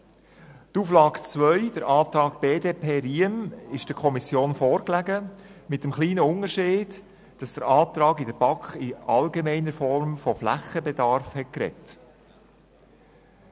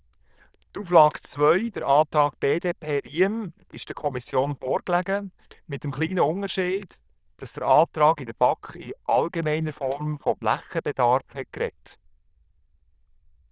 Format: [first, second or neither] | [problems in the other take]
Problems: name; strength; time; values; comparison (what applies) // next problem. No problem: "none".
first | noise reduction (neural diffusion model UNIVERSE++)